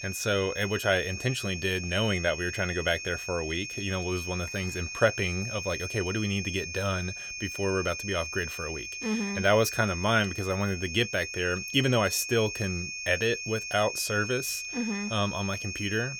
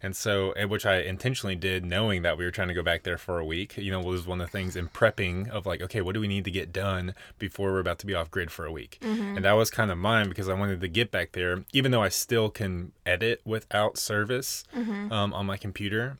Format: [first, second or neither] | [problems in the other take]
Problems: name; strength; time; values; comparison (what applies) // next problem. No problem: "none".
second | high-pitched whine; loud; throughout; 2.5 kHz, 6 dB below the speech